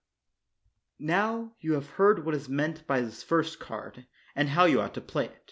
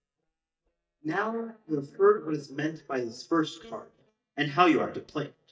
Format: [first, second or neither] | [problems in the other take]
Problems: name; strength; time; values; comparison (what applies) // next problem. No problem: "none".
first | noise reduction (neural mask model DeepFilterNet 3)